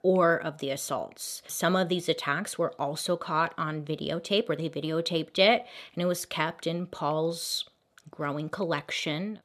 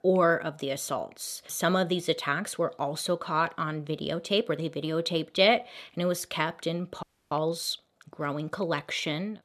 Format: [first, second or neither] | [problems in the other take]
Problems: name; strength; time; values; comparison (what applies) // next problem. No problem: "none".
first | audio freezing; at 7 s